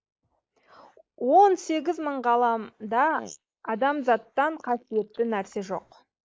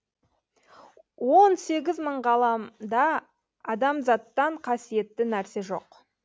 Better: second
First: noise reduction (neural mask model Resemble Enhance denoiser)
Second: none

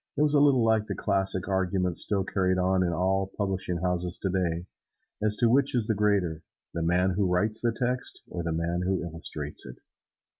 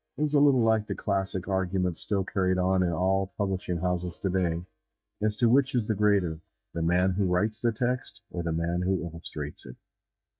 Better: first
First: none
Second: noise reduction (neural mask model DeepFilterNet 3)

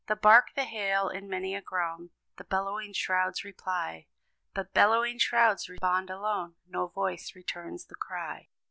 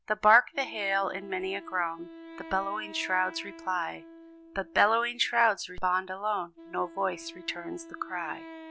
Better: first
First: none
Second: background sound (Wind instrument, woodwind instrument); 17 dB below the speech

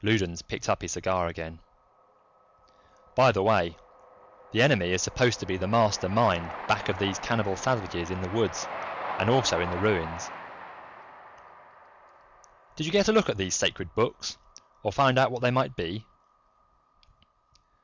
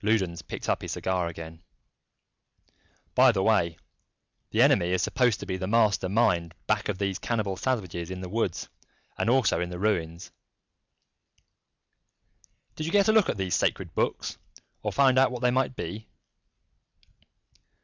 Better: second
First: background sound (Train); 14 dB below the speech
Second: none

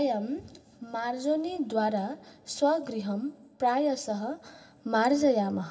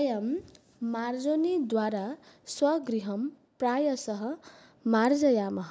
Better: second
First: room echo; dies away in 1.5 s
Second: none

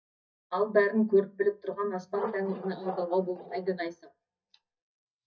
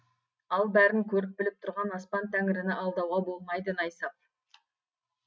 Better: second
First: noise reduction (neural mask model DeepFilterNet 3)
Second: none

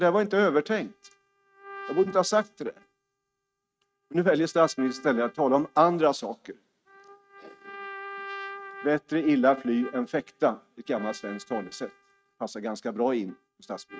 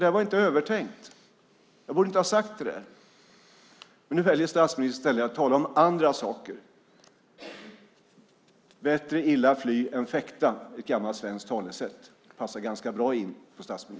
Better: second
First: noise reduction (neural mask model RNNoise)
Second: none

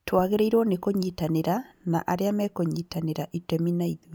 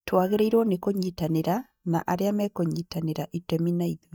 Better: first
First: none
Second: noise reduction (neural mask model DeepFilterNet 3)

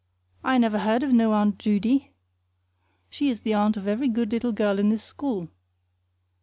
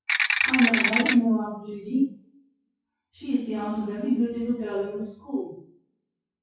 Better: first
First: none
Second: noise reduction (classical method WPE with log-MMSE)

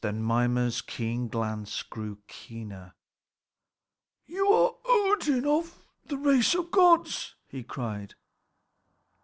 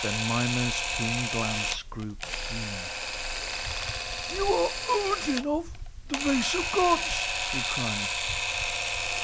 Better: first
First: none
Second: background sound (Camera); as loud as the speech

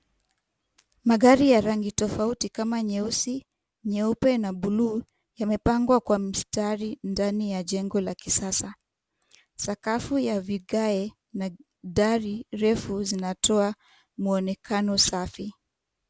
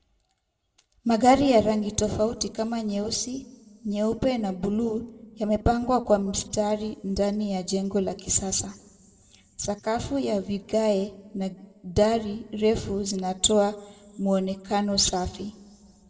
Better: first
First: none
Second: room echo; dies away in 0.9 s

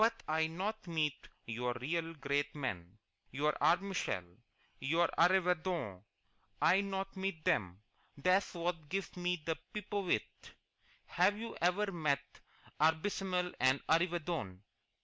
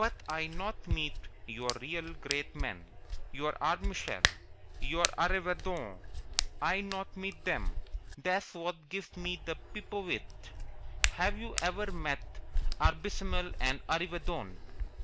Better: first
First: none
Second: background sound (Hands); 1 dB above the speech

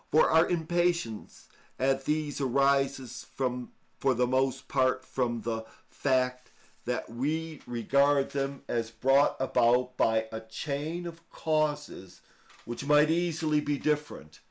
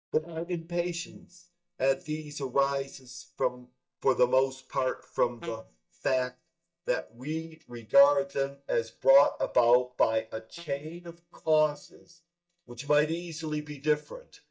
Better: first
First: none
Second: noise reduction (neural mask model DeepFilterNet 3)

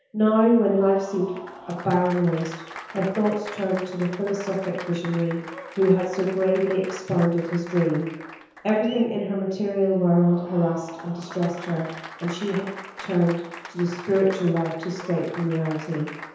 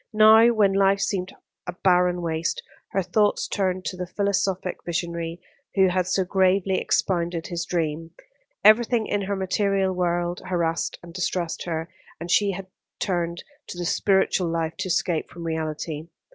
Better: second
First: background sound (Applause); 16 dB below the speech // room echo; dies away in 0.9 s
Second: none

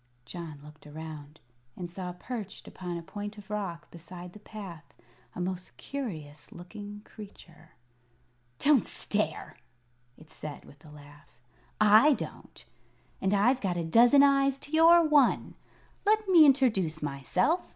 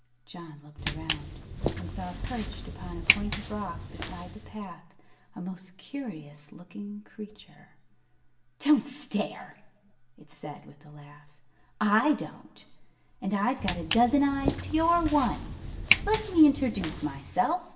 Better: first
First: none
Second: background sound (Walk, footsteps); 2 dB below the speech // room echo; dies away in 0.7 s

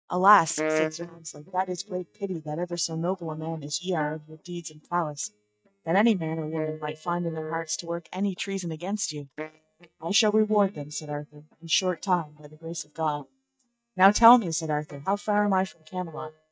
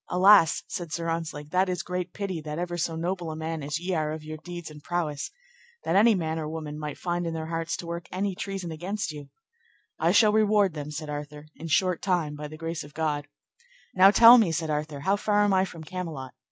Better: second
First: noise reduction (neural mask model DeepFilterNet 3)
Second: none

